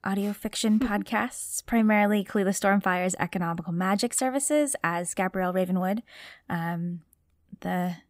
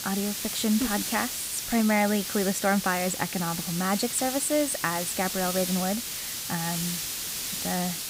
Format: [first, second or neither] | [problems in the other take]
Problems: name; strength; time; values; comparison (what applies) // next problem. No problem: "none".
first | hiss; loud; throughout; 3 dB below the speech